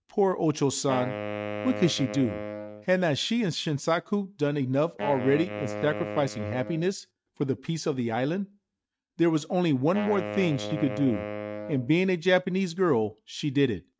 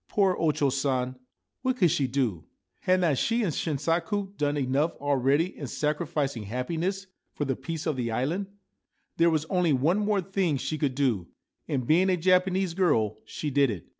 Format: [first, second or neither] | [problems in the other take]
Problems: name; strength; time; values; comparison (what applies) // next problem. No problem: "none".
second | noise reduction (neural mask model RNNoise)